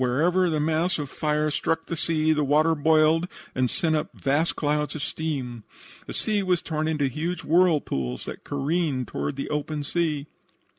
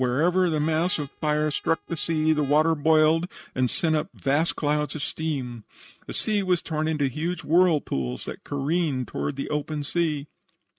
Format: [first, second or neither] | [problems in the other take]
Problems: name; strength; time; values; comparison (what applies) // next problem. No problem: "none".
first | noise reduction (neural mask model RNNoise)